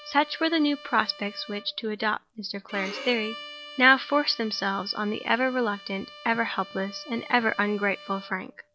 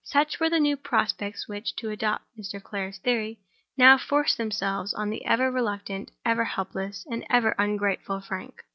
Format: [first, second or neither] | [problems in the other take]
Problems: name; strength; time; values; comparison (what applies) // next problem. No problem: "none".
second | background sound (Bowed string instrument); 17 dB below the speech